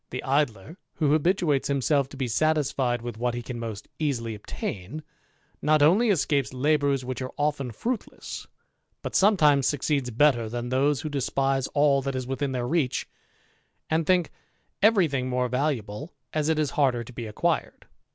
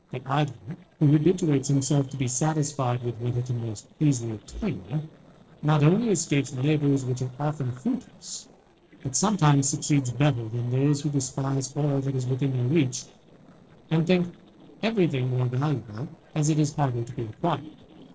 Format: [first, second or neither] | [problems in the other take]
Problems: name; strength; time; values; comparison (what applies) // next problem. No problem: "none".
first | noise reduction (neural separator model SepFormer DNS4)